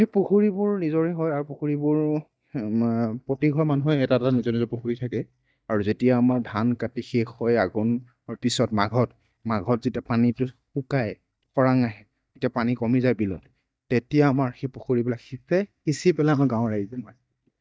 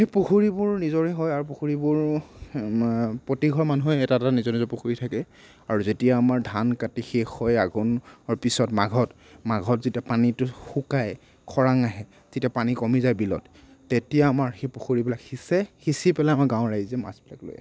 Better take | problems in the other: second | noise reduction (neural mask model DeepFilterNet 3)

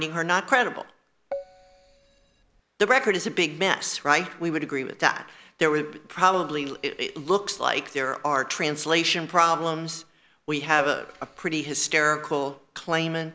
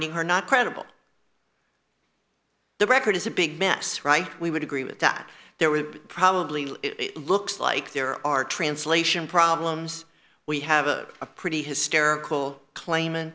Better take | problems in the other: second | background sound (Keyboard (musical)); 14 dB below the speech

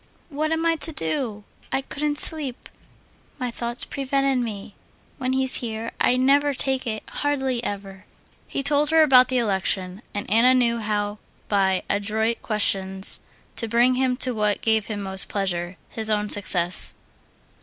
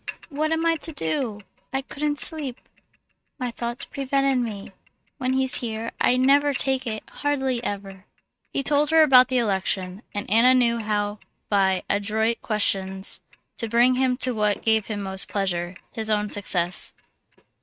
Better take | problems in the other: first | noise reduction (neural mask model RNNoise)

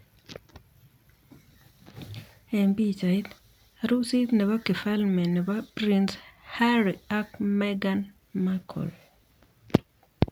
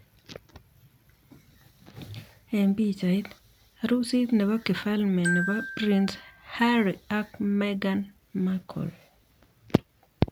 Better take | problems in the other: first | background sound (Glockenspiel); 9 dB below the speech

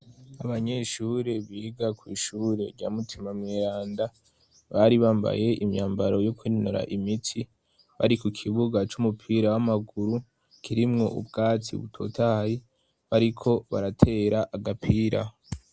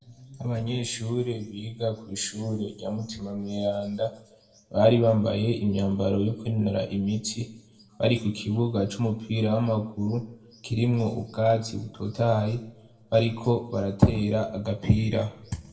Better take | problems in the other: first | room echo; dies away in 0.6 s

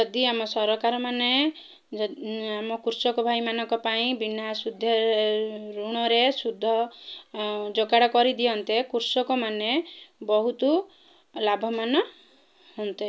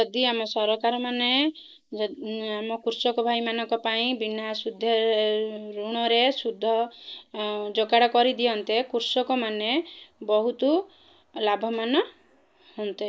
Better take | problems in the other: first | noise reduction (neural mask model Resemble Enhance denoiser)

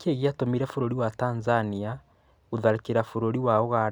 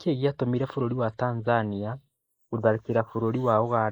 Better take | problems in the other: first | noise reduction (neural mask model Resemble Enhance denoiser)

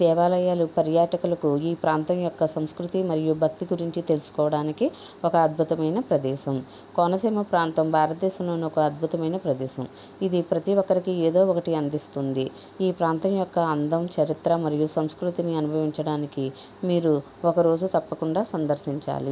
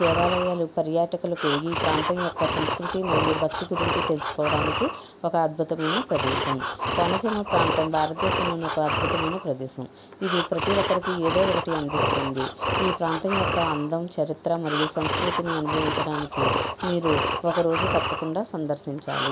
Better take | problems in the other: first | background sound (Breathing); 1 dB below the speech

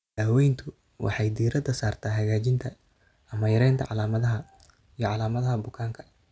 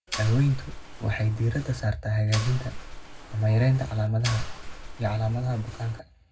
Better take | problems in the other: first | background sound (Mechanisms); 10 dB below the speech // room echo; dies away in 0.3 s

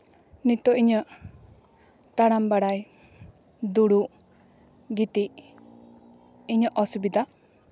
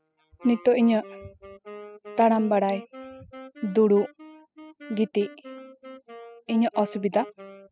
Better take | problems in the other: first | noise reduction (classical method spectral subtraction)

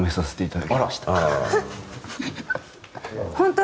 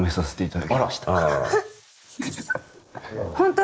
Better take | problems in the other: first | noise reduction (neural mask model Resemble Enhance denoiser)

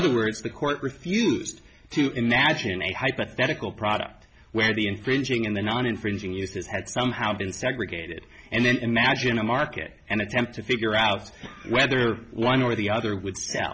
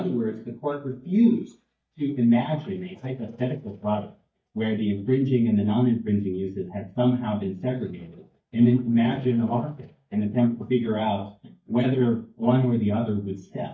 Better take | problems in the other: first | noise reduction (neural mask model DeepFilterNet 3)

